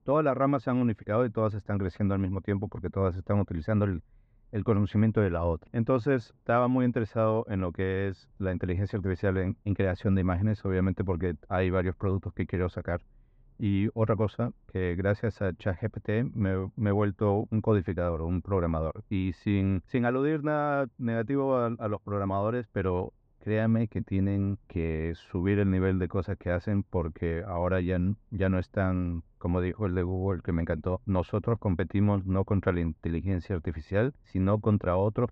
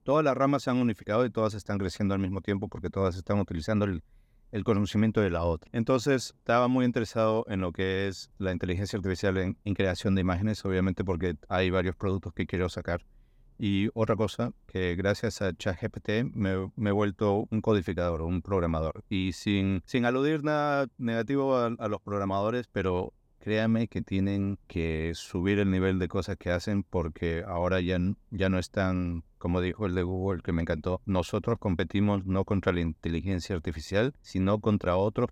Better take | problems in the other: second | muffled; very; fading above 2 kHz

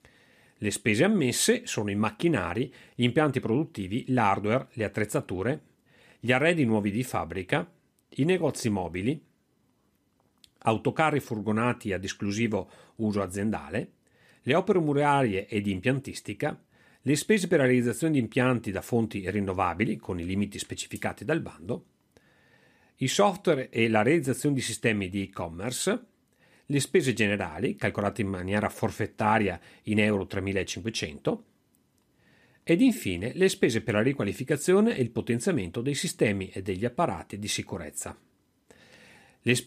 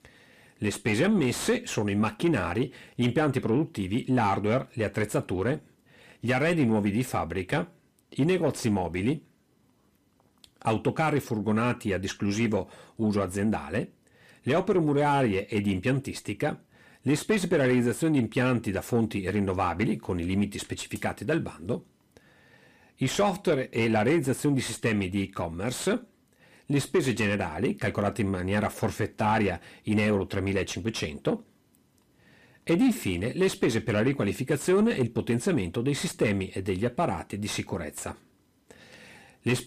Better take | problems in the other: first | distortion; slight; 10 dB below the speech

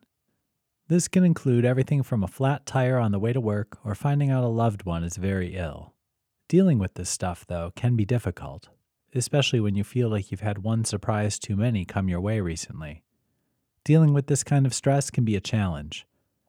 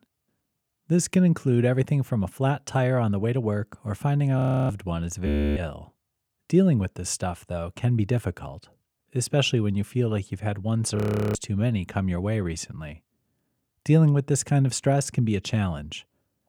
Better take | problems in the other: first | audio freezing; at 4.5 s, at 5.5 s and at 11 s

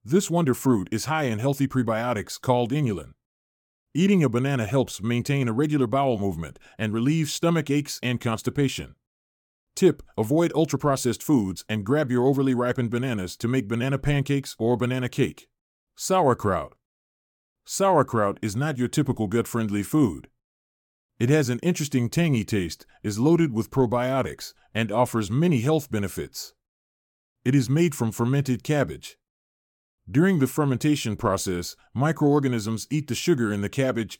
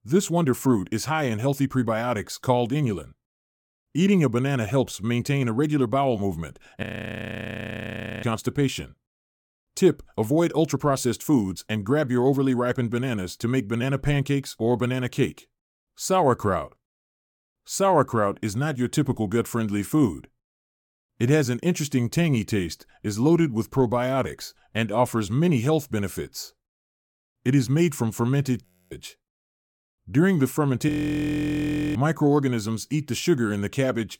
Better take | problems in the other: first | audio freezing; at 7 s for 1.5 s, at 29 s and at 31 s for 1 s

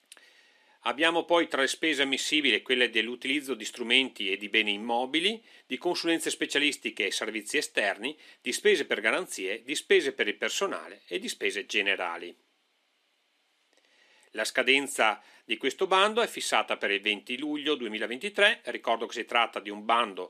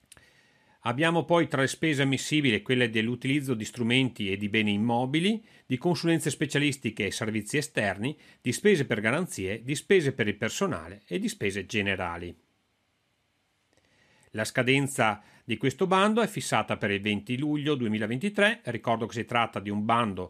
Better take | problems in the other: second | thin; somewhat; fading below 300 Hz

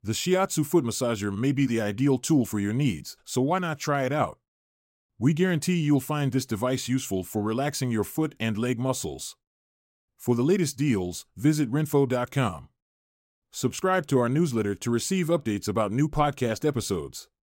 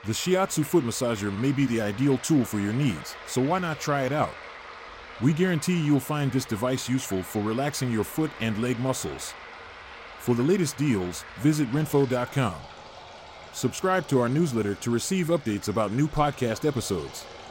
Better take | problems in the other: first | rain or running water; noticeable; throughout; 15 dB below the speech

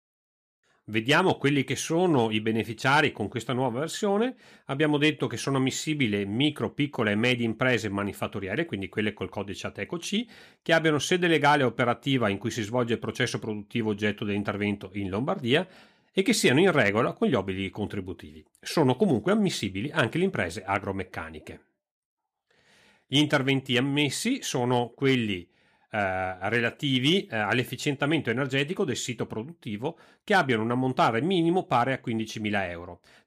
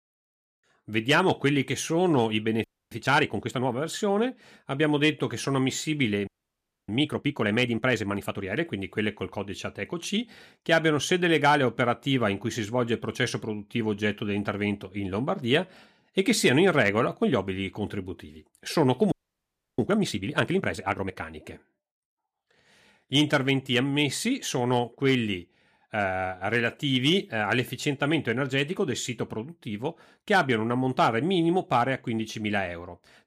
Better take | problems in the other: first | audio freezing; at 2.5 s, at 6.5 s for 0.5 s and at 19 s for 0.5 s

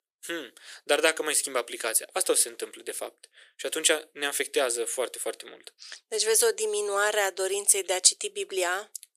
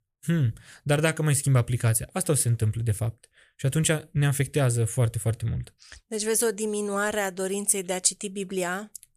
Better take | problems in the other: second | thin; very; fading below 350 Hz

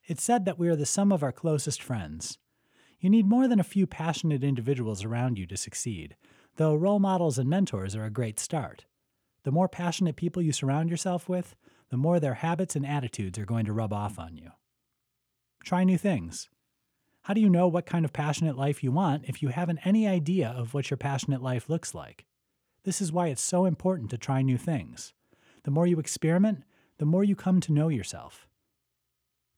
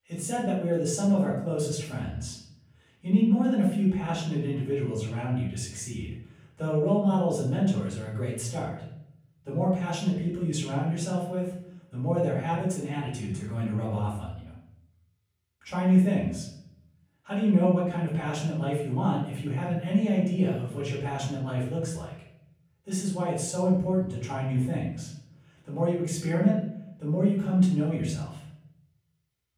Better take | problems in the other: first | off-mic speech; far // room echo; noticeable; dies away in 0.6 s

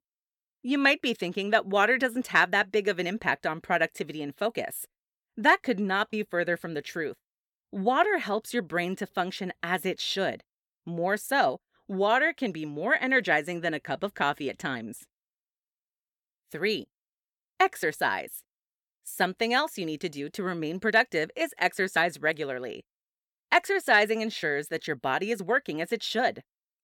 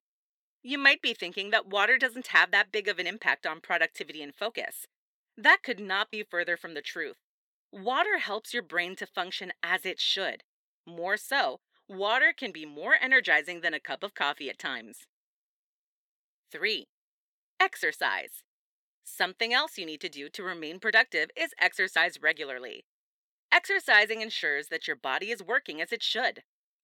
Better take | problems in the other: first | thin; somewhat; fading below 300 Hz

